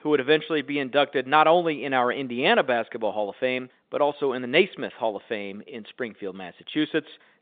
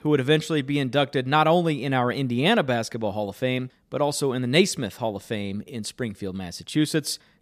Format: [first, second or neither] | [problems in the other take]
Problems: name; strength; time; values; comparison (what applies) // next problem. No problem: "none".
second | phone-call audio; nothing above 3.5 kHz